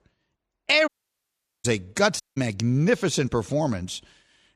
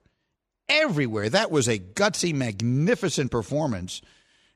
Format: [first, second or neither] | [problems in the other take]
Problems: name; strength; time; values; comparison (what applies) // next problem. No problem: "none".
second | audio cutting out; at 1 s for 1 s and at 2 s